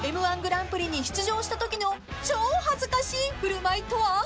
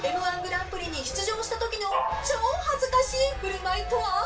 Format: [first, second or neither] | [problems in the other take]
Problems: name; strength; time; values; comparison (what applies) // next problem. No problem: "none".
first | background sound (Dog); 7 dB below the speech // room echo; dies away in 0.3 s